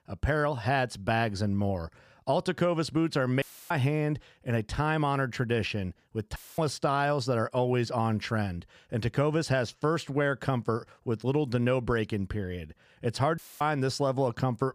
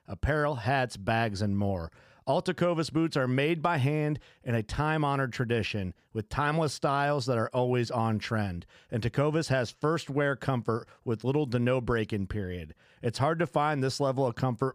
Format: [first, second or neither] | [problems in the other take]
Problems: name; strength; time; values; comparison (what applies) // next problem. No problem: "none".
second | audio cutting out; filled with static; at 3.5 s, at 6.5 s and at 13 s